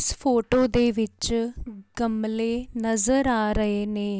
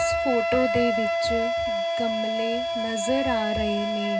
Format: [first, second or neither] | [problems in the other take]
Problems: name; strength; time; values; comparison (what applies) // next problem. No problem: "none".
first | background sound (Wind instrument, woodwind instrument); 2 dB above the speech // room echo; dies away in 0.2 s